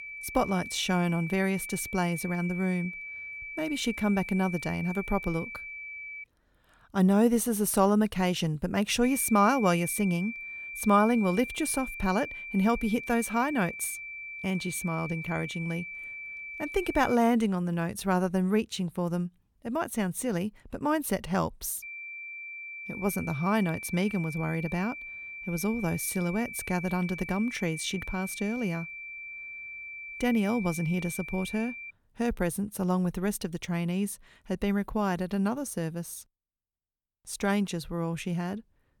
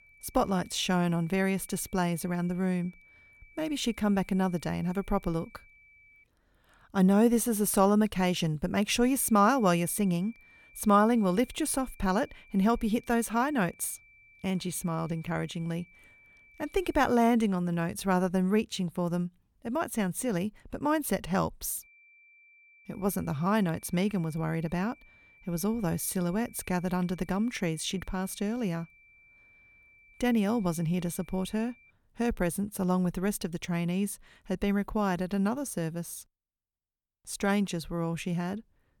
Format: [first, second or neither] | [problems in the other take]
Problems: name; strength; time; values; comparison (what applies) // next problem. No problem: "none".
second | high-pitched whine; loud; until 6 s, from 9 to 17 s and from 22 to 32 s; 2.5 kHz, 9 dB below the speech; faint in the second